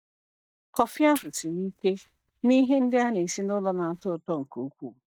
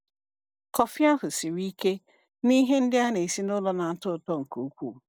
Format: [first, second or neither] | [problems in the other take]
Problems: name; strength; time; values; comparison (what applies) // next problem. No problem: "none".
second | noise reduction (neural mask model DeepFilterNet 3)